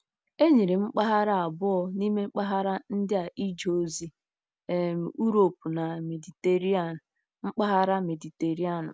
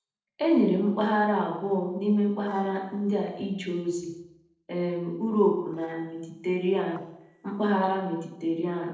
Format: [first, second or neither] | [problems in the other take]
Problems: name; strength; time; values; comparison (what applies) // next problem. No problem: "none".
first | noise reduction (neural separator model SepFormer DNS4)